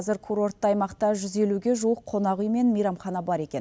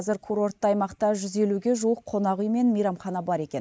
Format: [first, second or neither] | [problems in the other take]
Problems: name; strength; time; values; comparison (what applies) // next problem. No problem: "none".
first | noise reduction (neural mask model Resemble Enhance denoiser)